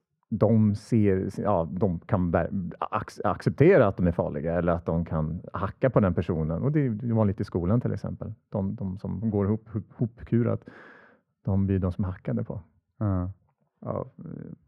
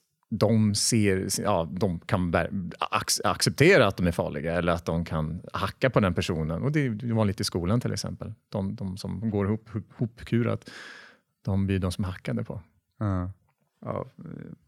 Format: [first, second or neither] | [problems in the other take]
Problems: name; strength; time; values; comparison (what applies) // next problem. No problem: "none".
second | muffled; very; fading above 2.5 kHz